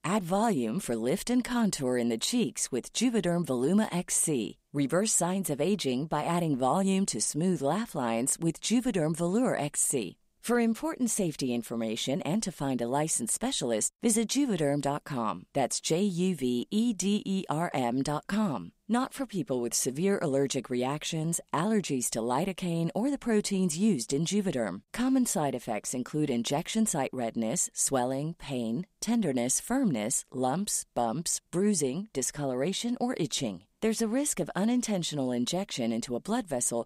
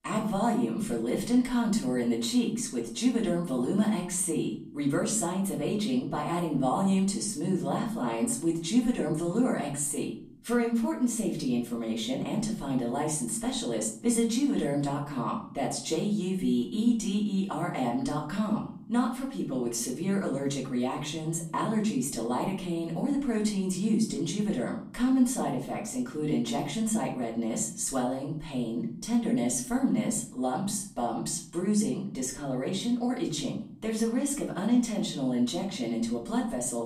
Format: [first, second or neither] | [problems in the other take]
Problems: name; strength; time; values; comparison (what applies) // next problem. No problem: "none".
first | off-mic speech; far // room echo; slight; dies away in 0.5 s